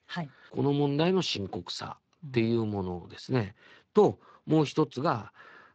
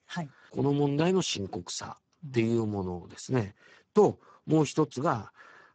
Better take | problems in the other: first | garbled, watery; badly; nothing above 7.5 kHz; slightly in the first

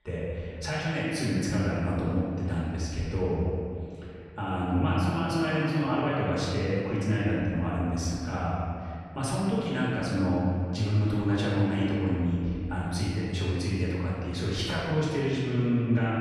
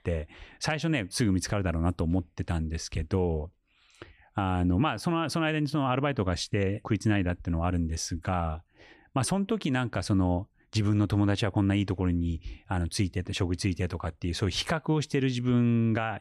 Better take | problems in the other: second | room echo; strong; dies away in 2.2 s // off-mic speech; far

